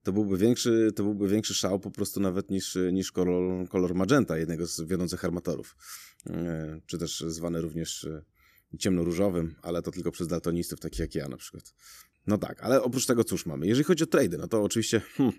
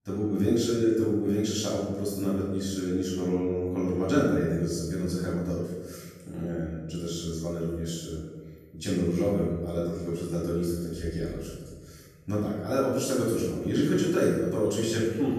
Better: first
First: none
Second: off-mic speech; far // room echo; strong; dies away in 1.3 s

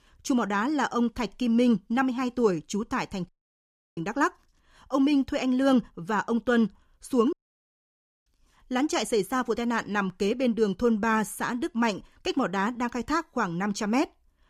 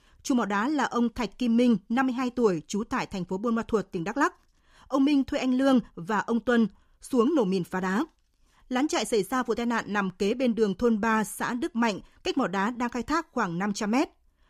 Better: second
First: audio cutting out; at 3.5 s for 0.5 s and at 7.5 s for 1 s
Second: none

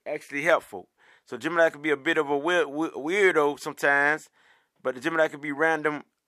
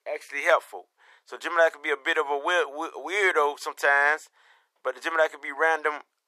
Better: first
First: none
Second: thin; very; fading below 450 Hz

